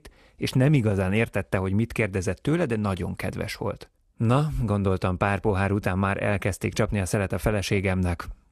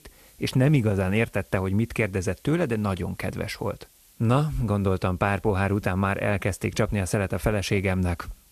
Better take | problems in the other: first | hiss; faint; throughout; 30 dB below the speech

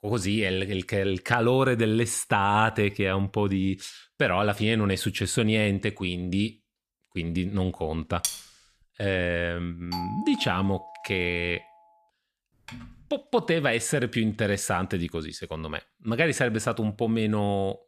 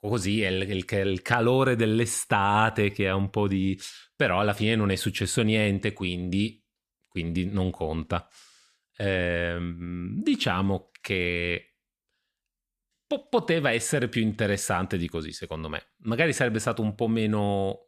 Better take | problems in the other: second | clattering dishes; noticeable; at 8 s; peak 4 dB below the speech // doorbell; noticeable; from 10 to 11 s; peak 8 dB below the speech // keyboard typing; faint; at 13 s; peak 20 dB below the speech

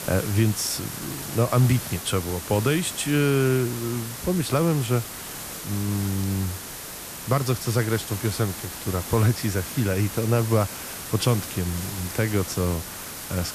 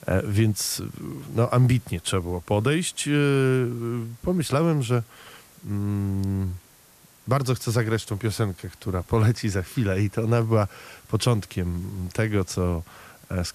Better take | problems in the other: second | hiss; loud; throughout; 8 dB below the speech; faint in the second

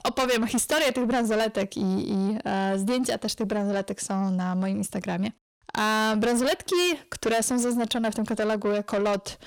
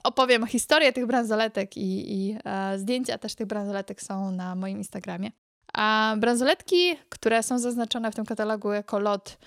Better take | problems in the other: second | distortion; heavy; 6 dB below the speech

